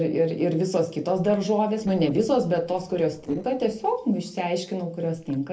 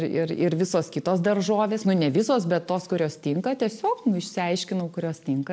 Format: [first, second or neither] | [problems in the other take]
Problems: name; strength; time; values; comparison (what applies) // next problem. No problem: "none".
second | noise reduction (neural separator model SepFormer DNS4)